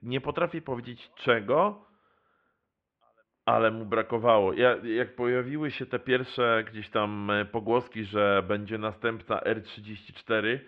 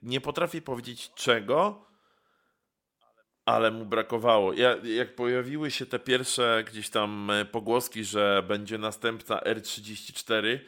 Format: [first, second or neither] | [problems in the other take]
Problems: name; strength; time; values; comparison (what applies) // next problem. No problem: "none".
second | muffled; very; fading above 2.5 kHz